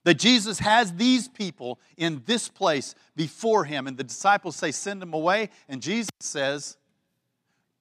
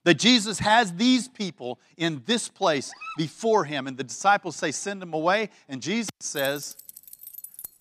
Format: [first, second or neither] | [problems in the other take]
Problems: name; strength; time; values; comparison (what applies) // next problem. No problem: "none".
first | dog barking; faint; at 3 s; peak 15 dB below the speech // jangling keys; faint; from 6.5 s on; peak 15 dB below the speech